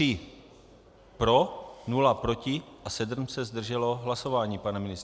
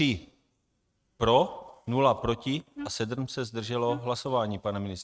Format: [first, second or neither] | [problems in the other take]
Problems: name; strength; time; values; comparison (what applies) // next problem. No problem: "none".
first | noise reduction (neural mask model RNNoise)